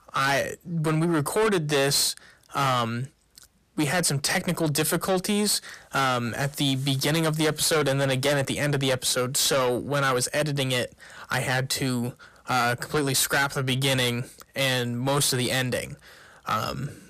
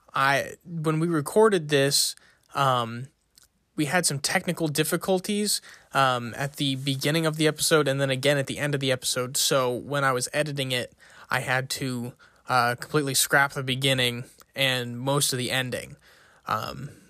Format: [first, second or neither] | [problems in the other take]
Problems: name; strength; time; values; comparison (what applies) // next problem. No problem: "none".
second | distortion; heavy; 7 dB below the speech